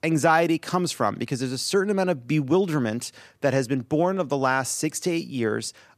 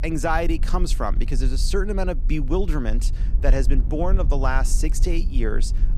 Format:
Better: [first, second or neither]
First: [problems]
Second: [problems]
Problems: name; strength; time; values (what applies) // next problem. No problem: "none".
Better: first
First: none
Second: low rumble; noticeable; throughout; 20 dB below the speech